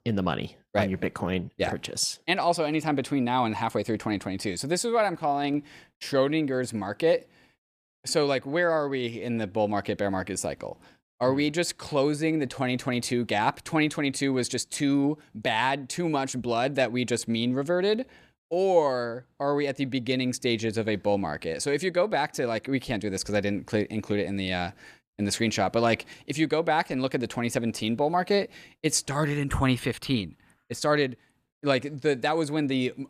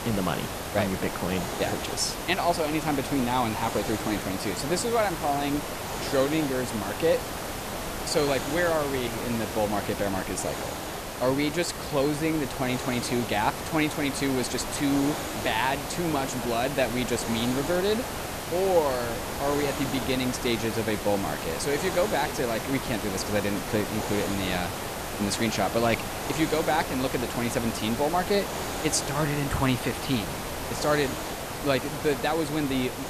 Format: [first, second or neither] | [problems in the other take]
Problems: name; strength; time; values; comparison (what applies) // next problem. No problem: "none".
first | hiss; loud; throughout; 5 dB below the speech